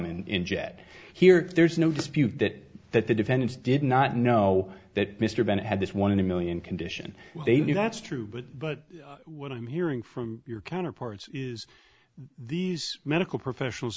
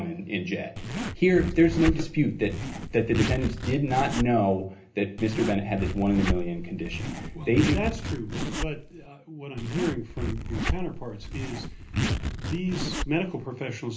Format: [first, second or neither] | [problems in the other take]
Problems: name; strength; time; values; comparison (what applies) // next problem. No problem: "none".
first | background sound (Zipper (clothing)); 4 dB below the speech // room echo; dies away in 0.3 s